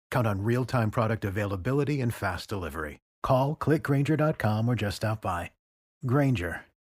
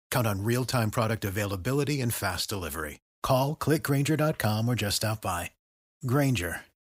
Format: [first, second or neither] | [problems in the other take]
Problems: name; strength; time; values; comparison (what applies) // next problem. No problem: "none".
second | muffled; slightly; fading above 3 kHz